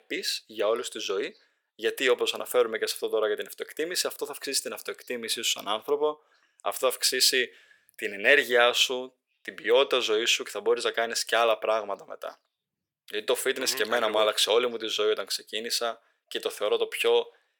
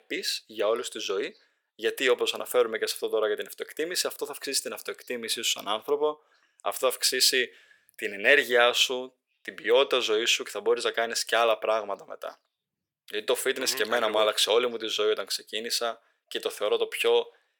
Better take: neither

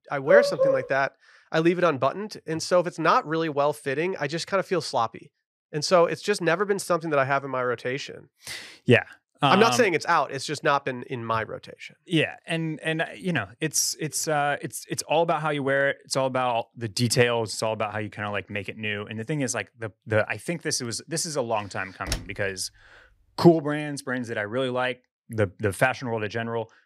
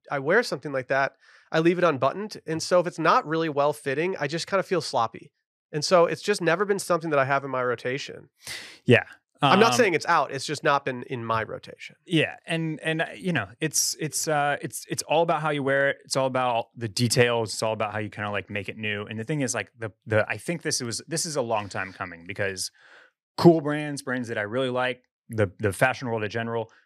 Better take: second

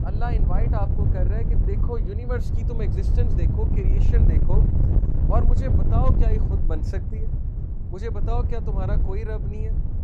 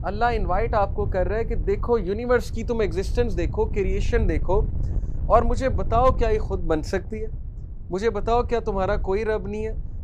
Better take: second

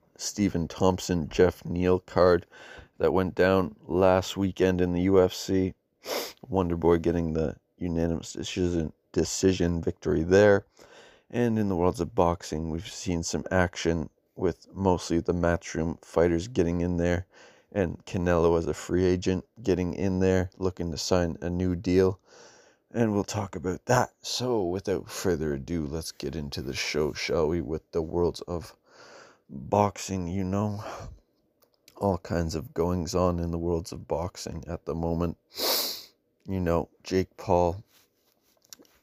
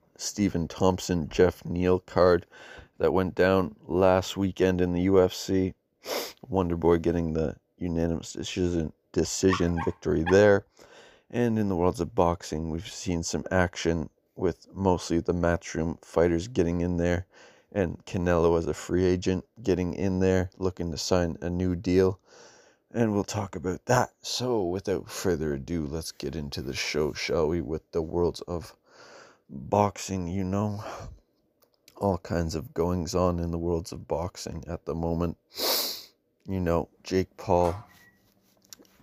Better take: first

